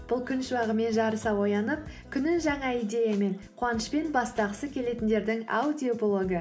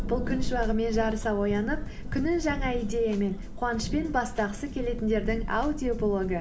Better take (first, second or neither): first